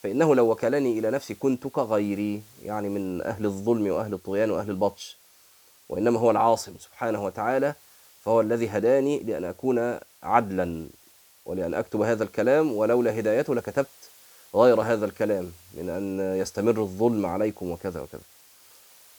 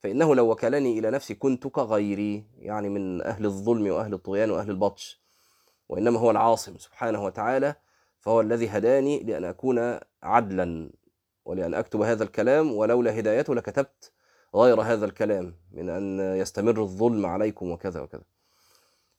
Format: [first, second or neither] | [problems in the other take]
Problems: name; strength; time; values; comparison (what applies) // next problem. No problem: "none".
second | hiss; faint; throughout; 25 dB below the speech